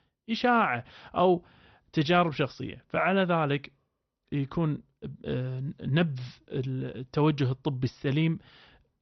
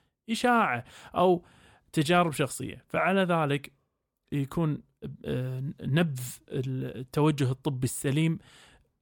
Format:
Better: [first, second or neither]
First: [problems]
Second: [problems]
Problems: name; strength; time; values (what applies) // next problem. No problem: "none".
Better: second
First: garbled, watery; slightly; nothing above 5.5 kHz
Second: none